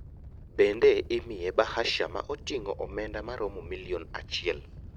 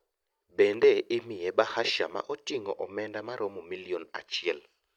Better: second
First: background sound (Animal); 15 dB below the speech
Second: none

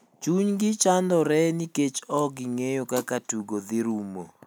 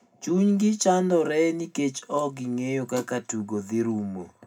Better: first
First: none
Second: room echo; dies away in 0.2 s

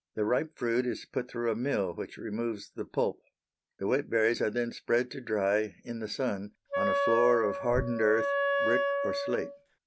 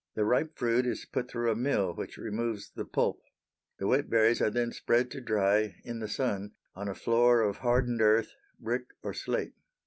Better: second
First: background sound (Wind instrument, woodwind instrument); as loud as the speech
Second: none

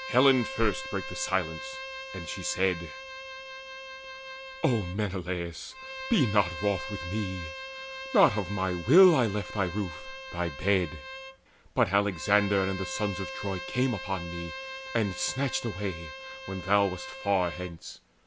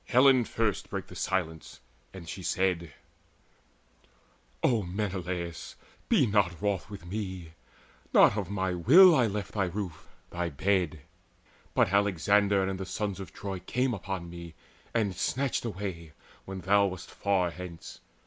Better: second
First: background sound (Bowed string instrument); 11 dB below the speech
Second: none

